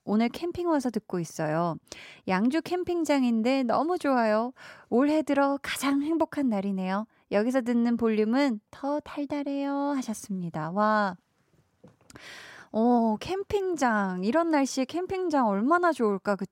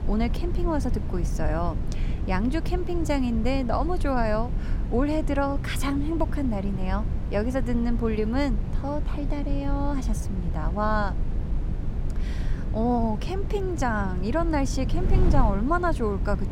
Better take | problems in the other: first | wind noise on the microphone; occasional gusts; 15 dB below the speech

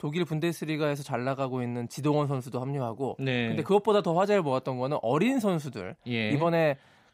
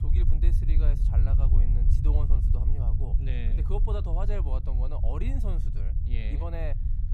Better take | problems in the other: first | low rumble; loud; throughout; 4 dB below the speech

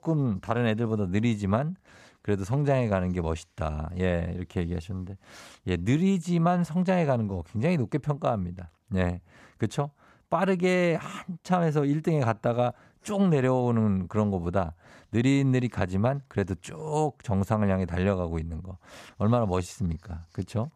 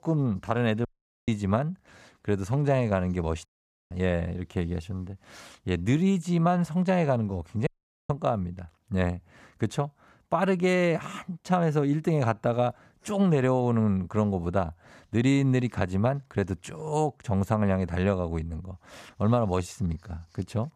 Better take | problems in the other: first | audio cutting out; at 1 s, at 3.5 s and at 7.5 s

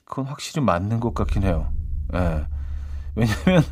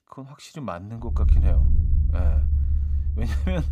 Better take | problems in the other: first | low rumble; loud; from 1 s on; 4 dB below the speech; faint in the first

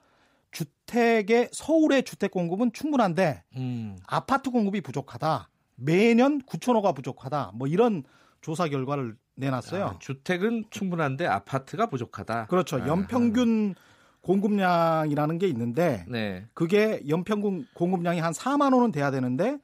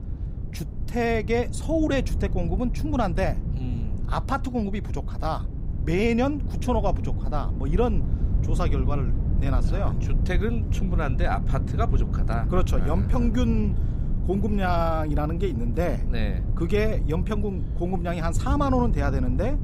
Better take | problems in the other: first | wind noise on the microphone; occasional gusts; 10 dB below the speech

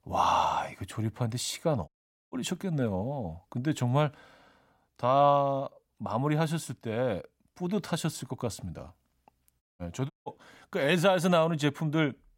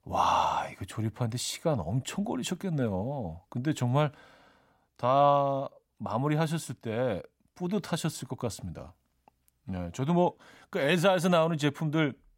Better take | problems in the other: second | audio cutting out; at 2 s, at 9.5 s and at 10 s

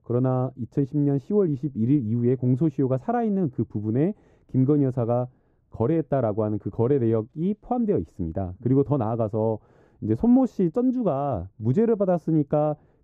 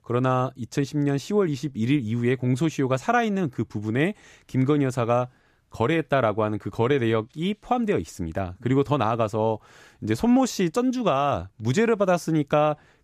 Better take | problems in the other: second | muffled; very; fading above 1 kHz

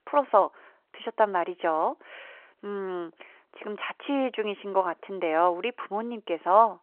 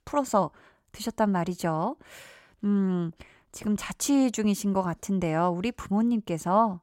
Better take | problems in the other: second | phone-call audio

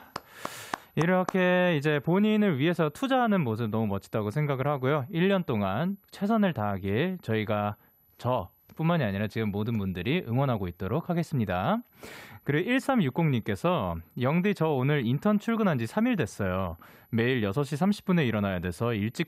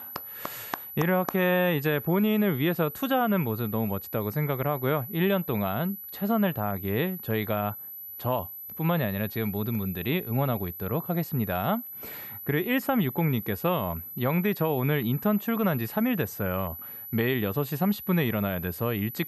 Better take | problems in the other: first | high-pitched whine; loud; throughout; 12 kHz, 10 dB below the speech; faint in the first

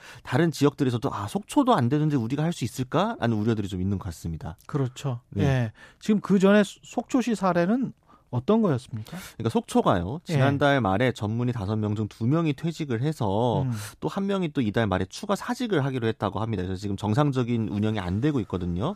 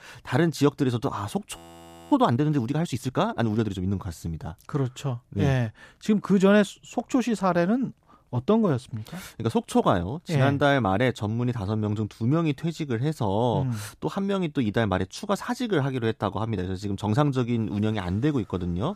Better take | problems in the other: first | audio freezing; at 1.5 s for 0.5 s

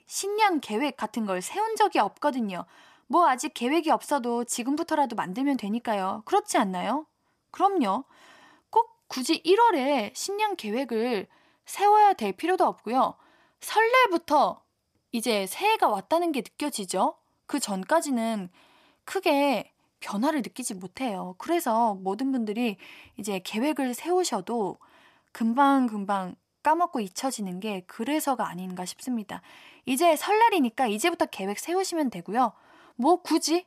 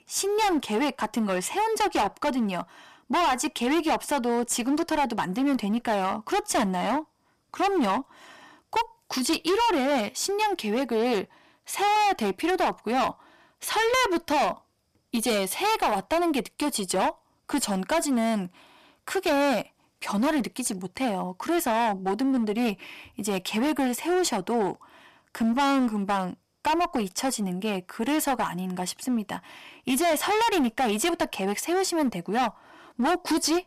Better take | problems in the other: first | distortion; heavy; 15% of the sound clipped

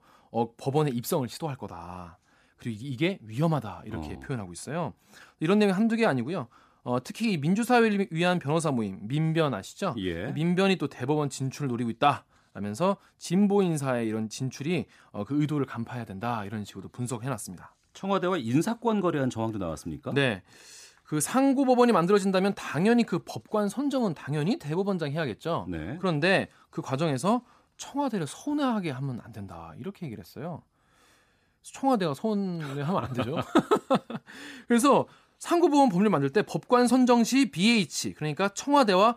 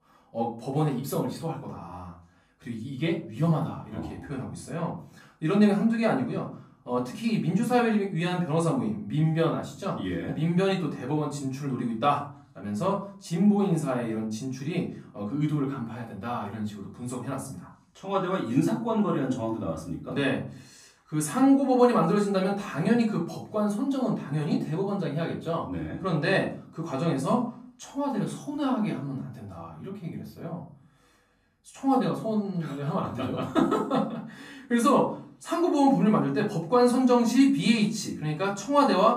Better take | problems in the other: first | room echo; slight; dies away in 0.4 s // off-mic speech; far

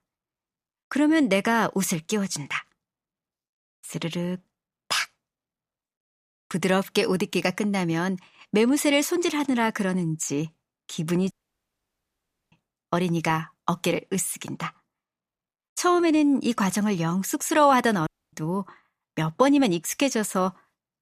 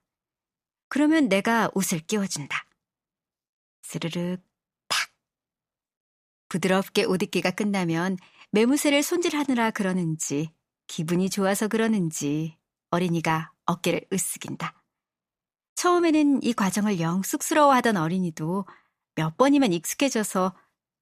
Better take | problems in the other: second | audio cutting out; at 11 s for 1 s and at 18 s

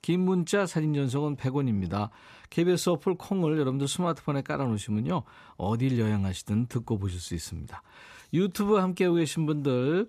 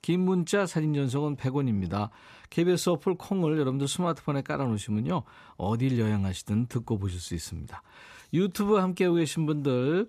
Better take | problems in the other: neither | none

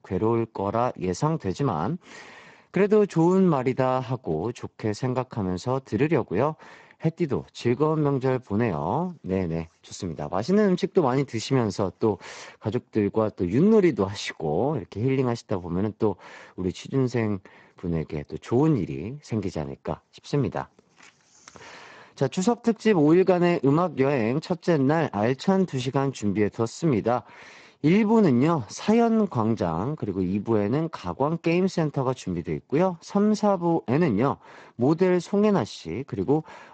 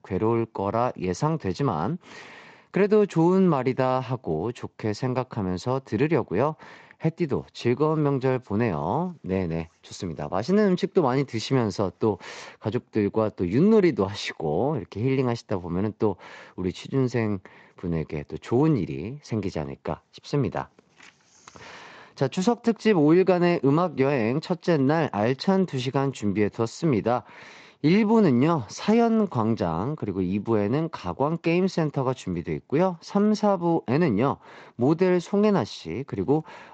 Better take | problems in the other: second | garbled, watery; badly; nothing above 8 kHz; slightly in the second

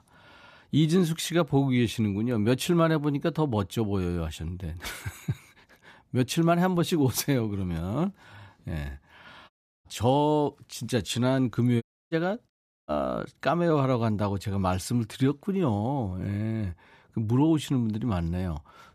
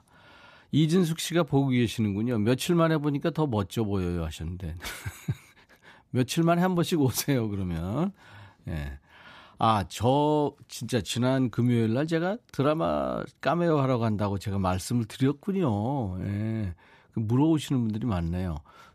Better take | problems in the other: second | audio cutting out; at 9.5 s, at 12 s and at 13 s

